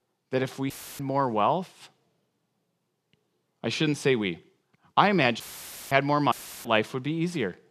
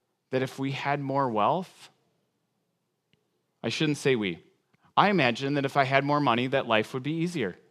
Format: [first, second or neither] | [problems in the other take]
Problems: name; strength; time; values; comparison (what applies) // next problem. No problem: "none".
second | audio cutting out; filled with static; at 0.5 s, at 5.5 s for 0.5 s and at 6.5 s